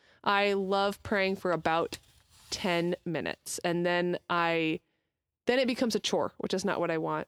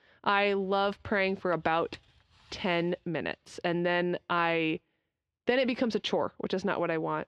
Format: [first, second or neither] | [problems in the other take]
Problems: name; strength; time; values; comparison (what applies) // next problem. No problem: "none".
first | muffled; very slightly; fading above 3 kHz